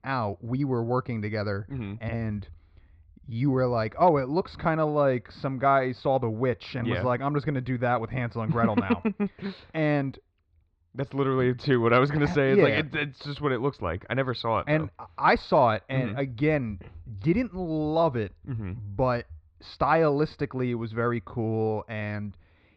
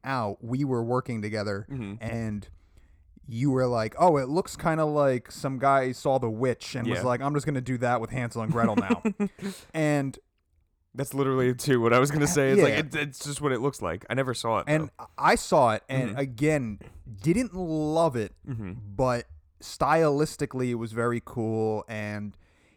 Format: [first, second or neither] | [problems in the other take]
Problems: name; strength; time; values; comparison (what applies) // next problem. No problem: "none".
second | muffled; very slightly; fading above 4 kHz